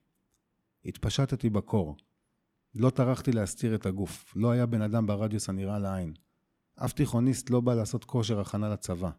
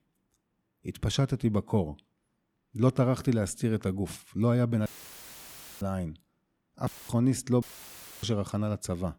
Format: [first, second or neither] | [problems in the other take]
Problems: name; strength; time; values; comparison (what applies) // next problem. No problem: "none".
first | audio cutting out; filled with static; at 5 s for 1 s, at 7 s and at 7.5 s for 0.5 s